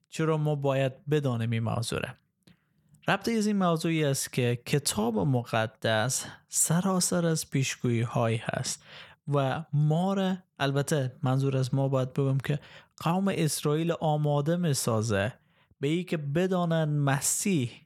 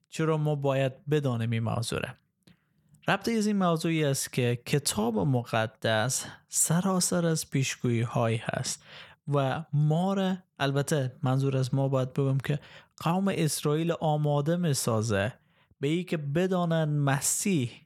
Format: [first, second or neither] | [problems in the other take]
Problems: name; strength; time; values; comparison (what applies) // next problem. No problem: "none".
neither | none